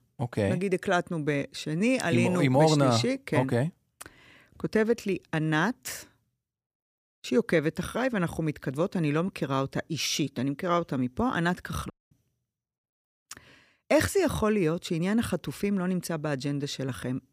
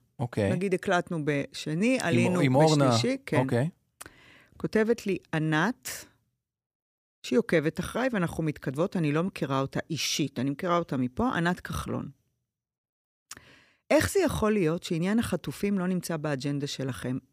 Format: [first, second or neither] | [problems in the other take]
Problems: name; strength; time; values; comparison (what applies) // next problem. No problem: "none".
second | audio cutting out; at 12 s